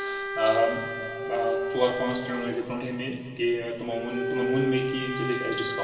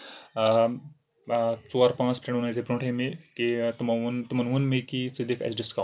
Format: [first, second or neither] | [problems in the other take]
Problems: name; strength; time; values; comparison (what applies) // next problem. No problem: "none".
second | background sound (Bowed string instrument); 3 dB below the speech // room echo; dies away in 2.4 s